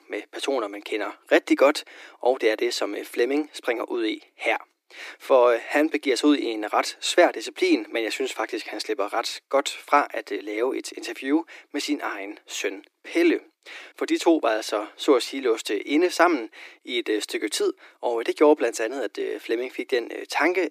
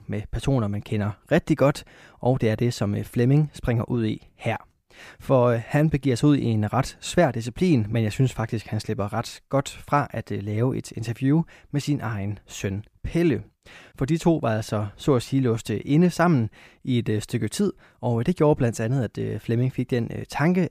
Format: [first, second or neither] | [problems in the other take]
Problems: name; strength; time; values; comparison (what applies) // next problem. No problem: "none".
second | thin; somewhat; fading below 300 Hz